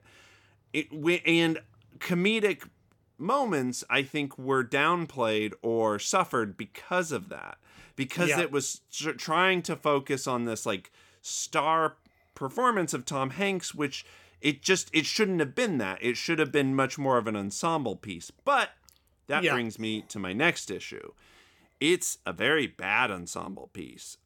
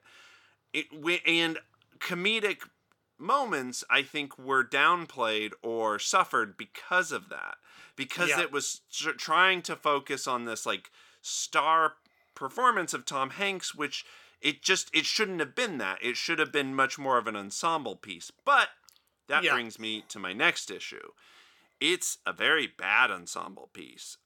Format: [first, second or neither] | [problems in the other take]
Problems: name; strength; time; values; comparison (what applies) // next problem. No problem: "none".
first | thin; somewhat; fading below 850 Hz